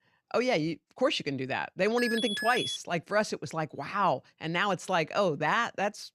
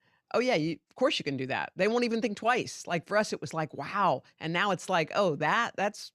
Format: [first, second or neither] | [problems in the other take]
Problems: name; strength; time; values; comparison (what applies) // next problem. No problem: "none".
second | alarm; noticeable; at 2 s; peak 2 dB below the speech